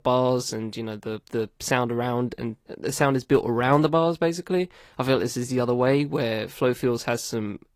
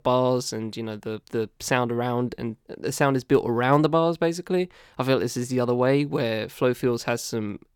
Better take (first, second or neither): second